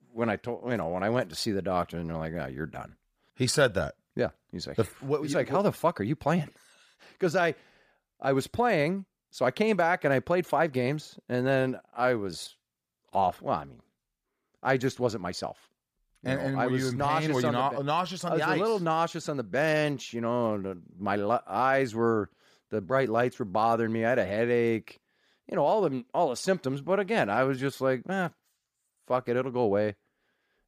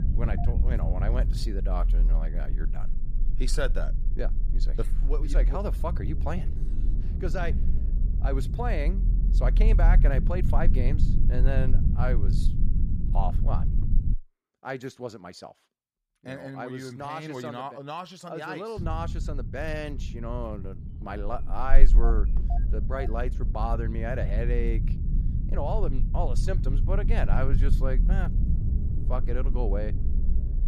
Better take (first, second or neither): first